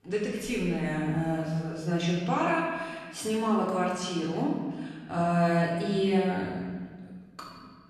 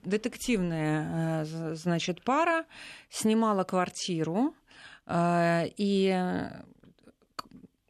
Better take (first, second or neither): second